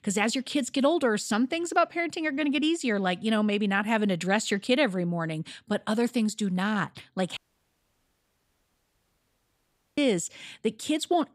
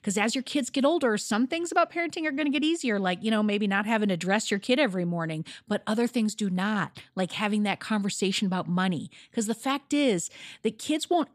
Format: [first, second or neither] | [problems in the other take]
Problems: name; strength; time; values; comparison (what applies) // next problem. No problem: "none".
second | audio cutting out; at 7.5 s for 2.5 s